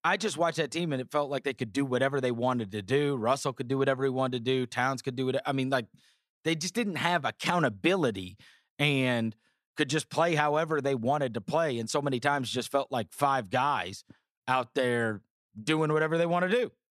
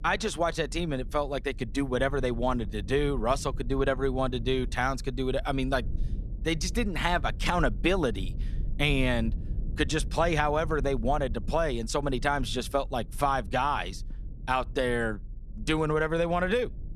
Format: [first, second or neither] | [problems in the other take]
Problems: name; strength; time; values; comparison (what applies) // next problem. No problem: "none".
first | low rumble; faint; throughout; 25 dB below the speech